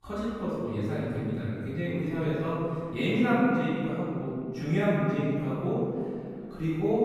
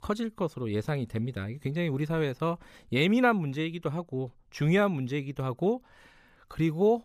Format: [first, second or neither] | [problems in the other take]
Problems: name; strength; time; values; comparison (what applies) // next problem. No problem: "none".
second | room echo; strong; dies away in 2.4 s // off-mic speech; far